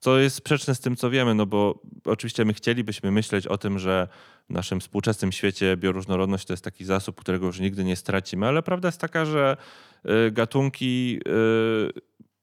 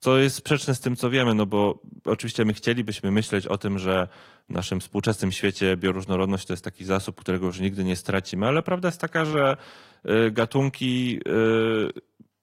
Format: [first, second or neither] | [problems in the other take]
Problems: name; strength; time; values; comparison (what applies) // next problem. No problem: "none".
first | garbled, watery; slightly; nothing above 15 kHz